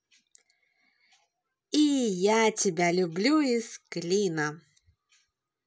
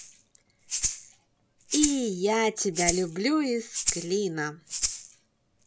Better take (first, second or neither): first